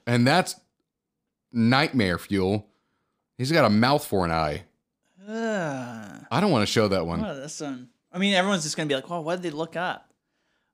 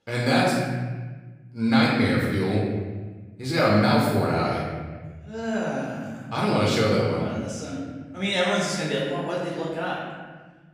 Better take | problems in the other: first | off-mic speech; far // room echo; noticeable; dies away in 1.6 s

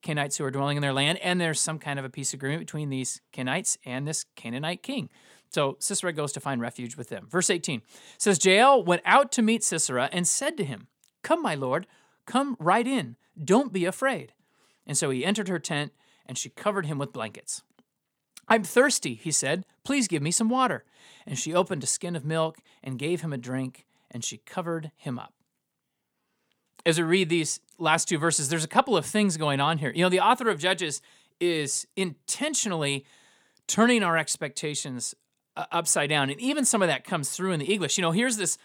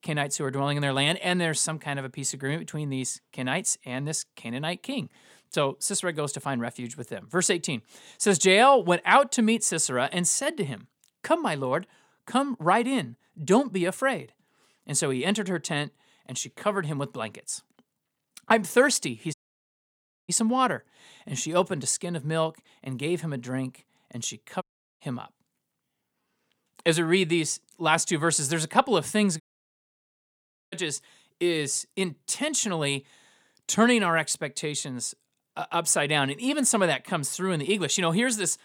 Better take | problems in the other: first | audio cutting out; at 19 s for 1 s, at 25 s and at 29 s for 1.5 s

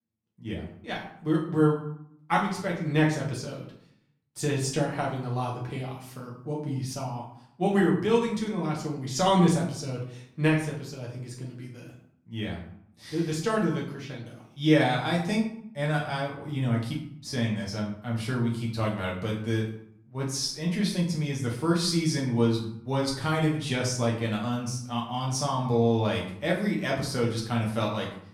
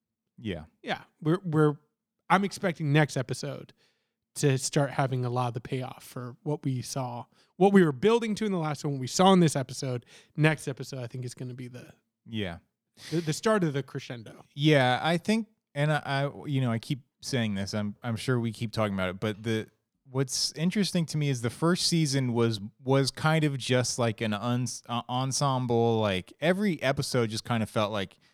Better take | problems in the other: second | room echo; slight; dies away in 0.5 s // off-mic speech; far

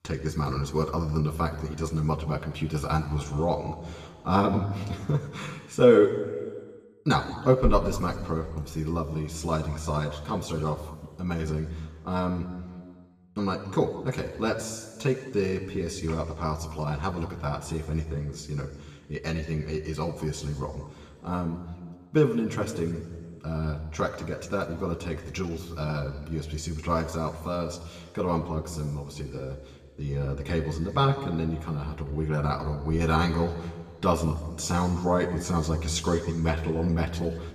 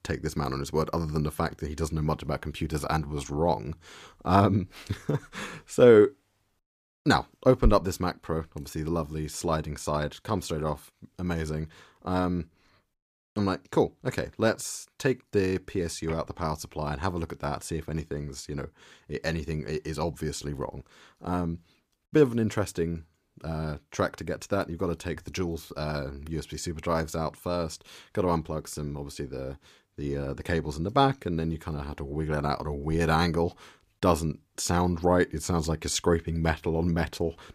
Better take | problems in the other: second | room echo; slight; dies away in 1.5 s // off-mic speech; somewhat distant

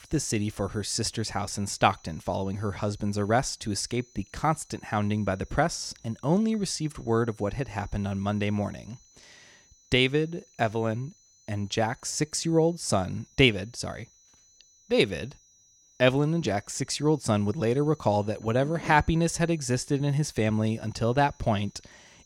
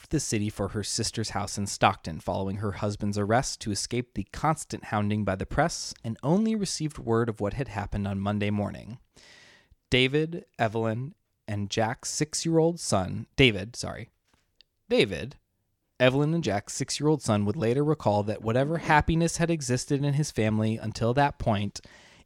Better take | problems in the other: second | high-pitched whine; faint; throughout; 6 kHz, 30 dB below the speech

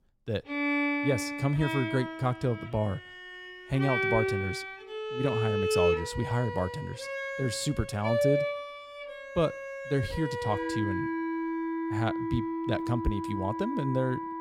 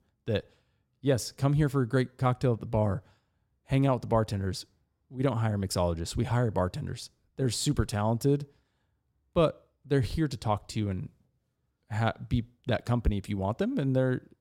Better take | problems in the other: second | background music; loud; throughout; 1 dB below the speech

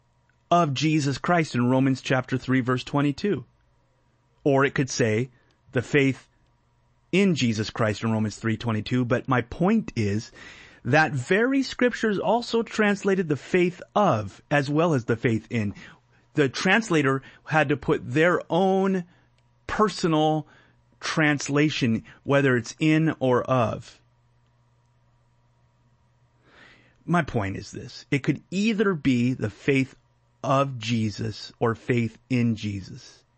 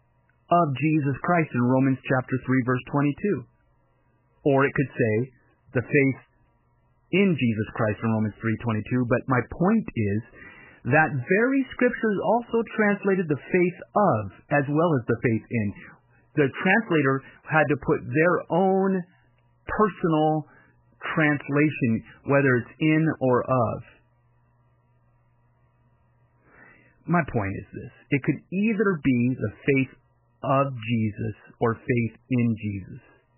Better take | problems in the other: first | garbled, watery; badly; nothing above 3 kHz; slightly in the first

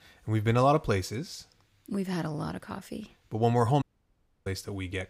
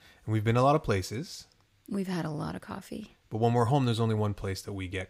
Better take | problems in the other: second | audio cutting out; at 4 s for 0.5 s

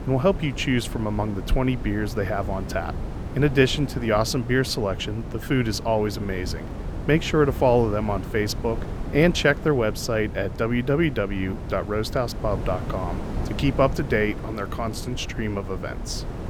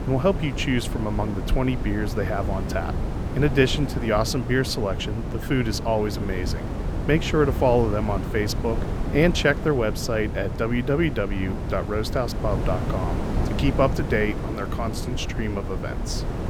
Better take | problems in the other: first | wind noise on the microphone; heavy; 9 dB below the speech; occasional gusts in the first

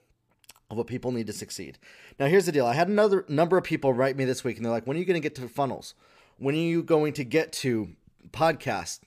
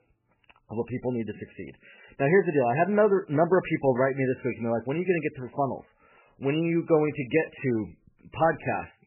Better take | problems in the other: first | garbled, watery; badly; nothing above 3 kHz

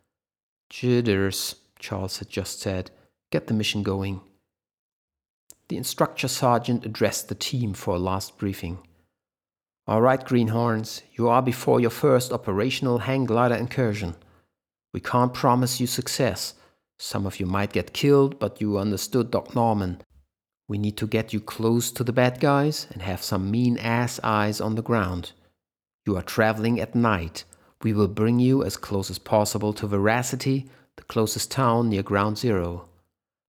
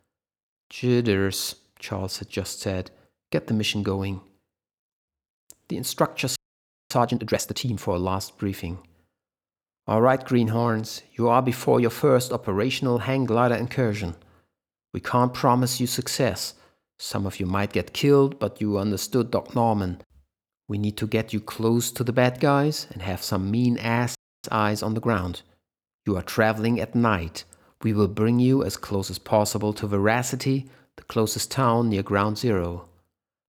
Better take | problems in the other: first | audio freezing; at 6.5 s for 0.5 s and at 24 s

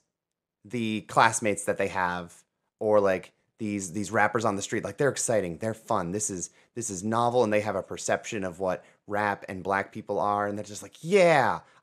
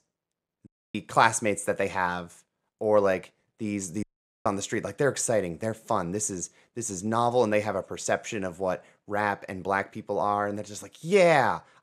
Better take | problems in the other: first | audio cutting out; at 0.5 s and at 4 s

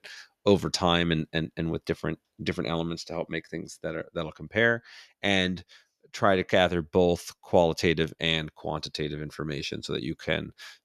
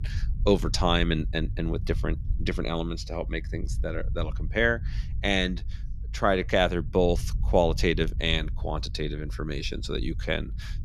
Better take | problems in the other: first | low rumble; faint; throughout; 25 dB below the speech

